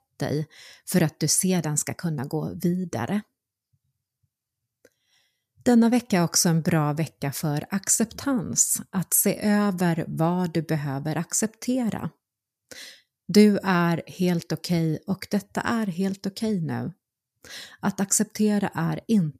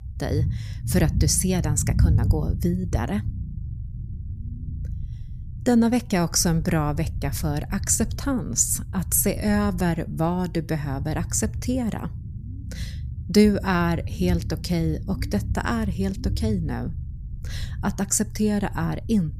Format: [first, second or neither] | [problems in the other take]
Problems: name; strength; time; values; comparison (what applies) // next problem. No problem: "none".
first | low rumble; noticeable; throughout; 15 dB below the speech